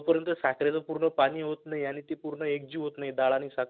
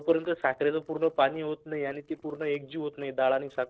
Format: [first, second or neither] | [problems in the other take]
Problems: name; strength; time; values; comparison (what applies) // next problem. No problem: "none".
first | noise reduction (neural separator model SepFormer DNS4)